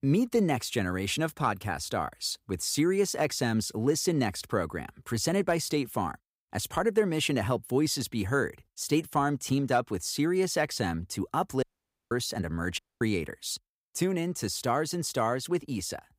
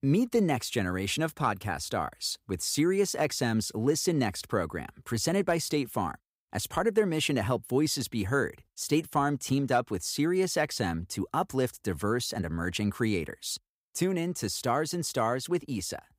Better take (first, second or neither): second